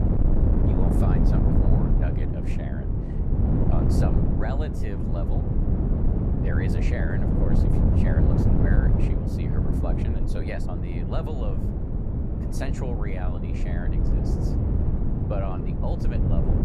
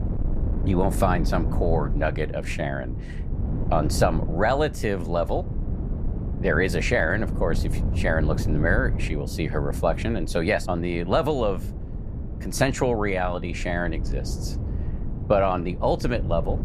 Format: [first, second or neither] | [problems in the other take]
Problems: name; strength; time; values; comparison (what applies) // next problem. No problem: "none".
second | wind noise on the microphone; heavy; 3 dB above the speech; occasional gusts in the second